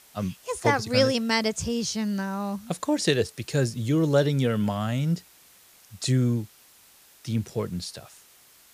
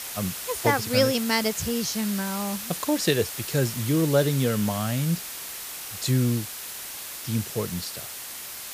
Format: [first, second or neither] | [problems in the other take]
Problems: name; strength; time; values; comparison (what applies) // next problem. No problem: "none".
first | hiss; loud; throughout; 7 dB below the speech; faint in the first